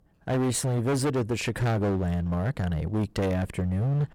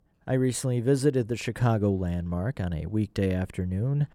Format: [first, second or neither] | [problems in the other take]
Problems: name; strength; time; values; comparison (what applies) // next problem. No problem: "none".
second | distortion; heavy; 22% of the sound clipped